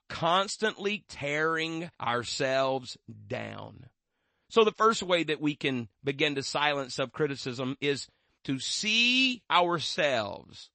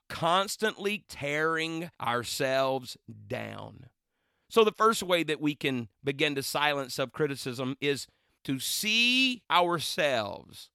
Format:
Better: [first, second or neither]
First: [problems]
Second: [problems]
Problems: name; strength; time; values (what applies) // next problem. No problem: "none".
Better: second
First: garbled, watery; slightly; nothing above 8 kHz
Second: none